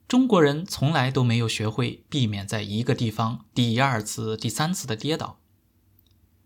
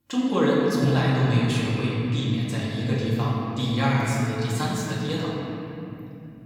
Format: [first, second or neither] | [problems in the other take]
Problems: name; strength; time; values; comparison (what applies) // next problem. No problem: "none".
first | room echo; strong; dies away in 3 s // off-mic speech; far